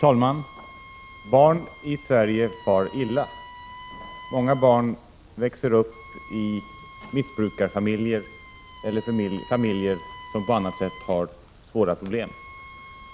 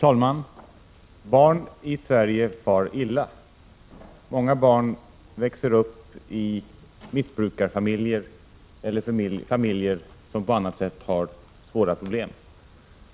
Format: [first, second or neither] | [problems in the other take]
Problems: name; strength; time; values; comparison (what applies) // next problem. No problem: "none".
second | background sound (Wind instrument, woodwind instrument); 19 dB below the speech